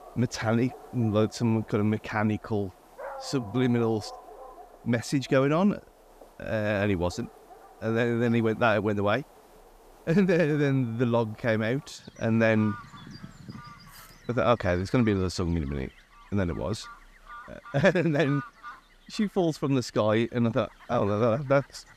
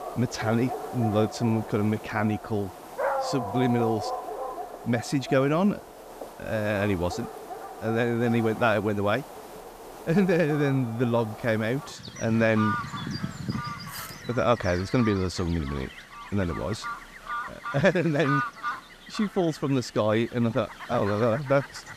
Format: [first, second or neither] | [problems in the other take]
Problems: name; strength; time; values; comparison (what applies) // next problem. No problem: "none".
first | animal sounds; loud; throughout; 10 dB below the speech; faint in the first